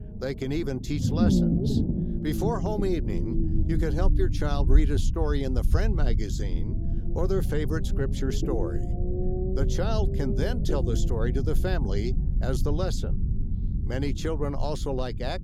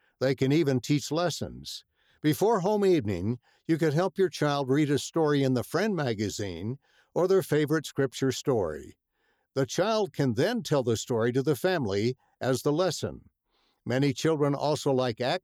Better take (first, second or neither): second